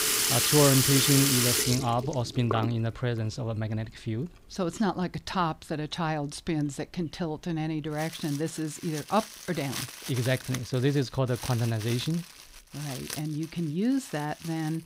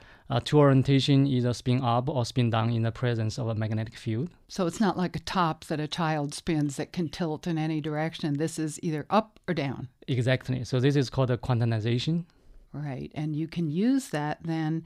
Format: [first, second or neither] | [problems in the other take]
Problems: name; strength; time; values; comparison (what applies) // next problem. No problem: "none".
second | household noises; very loud; throughout; 1 dB above the speech